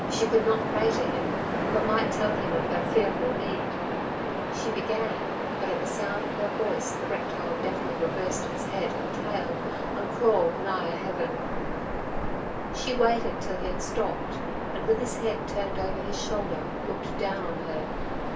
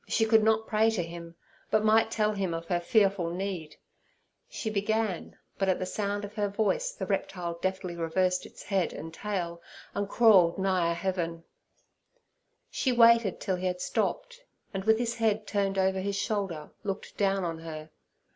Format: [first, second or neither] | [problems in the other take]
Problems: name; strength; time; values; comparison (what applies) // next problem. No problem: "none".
second | background sound (Waves, surf); 1 dB above the speech // room echo; dies away in 0.2 s